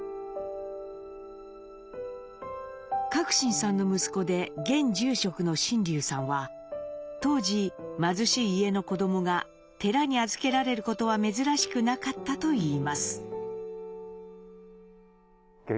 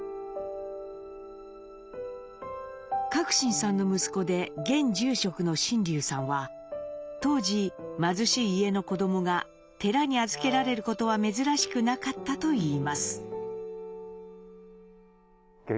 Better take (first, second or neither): first